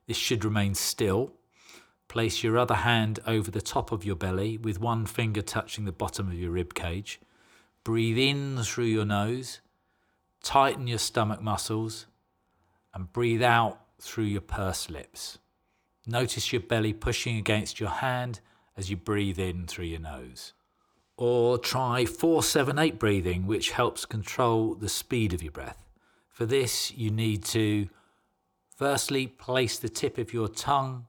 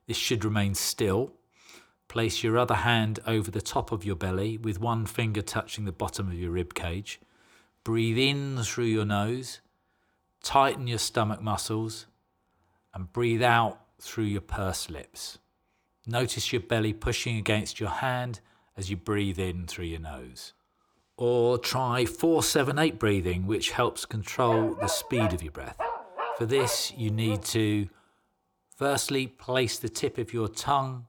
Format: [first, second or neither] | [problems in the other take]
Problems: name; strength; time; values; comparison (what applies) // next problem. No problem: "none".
first | dog barking; noticeable; from 24 to 27 s; peak 3 dB below the speech